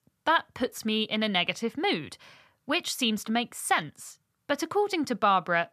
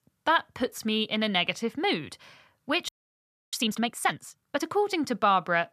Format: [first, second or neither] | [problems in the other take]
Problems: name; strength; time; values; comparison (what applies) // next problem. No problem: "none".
first | audio freezing; at 3 s for 0.5 s